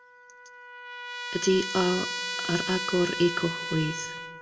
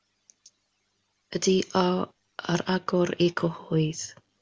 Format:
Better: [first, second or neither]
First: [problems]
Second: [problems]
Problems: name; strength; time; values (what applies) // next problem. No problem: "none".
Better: second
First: background sound (Trumpet); 5 dB below the speech // room echo; dies away in 1.1 s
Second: none